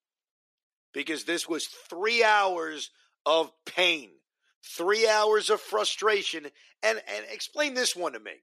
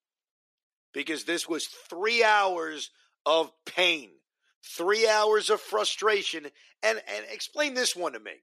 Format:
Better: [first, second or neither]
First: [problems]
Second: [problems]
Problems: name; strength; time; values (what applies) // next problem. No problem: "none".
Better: neither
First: thin; very; fading below 350 Hz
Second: thin; very; fading below 350 Hz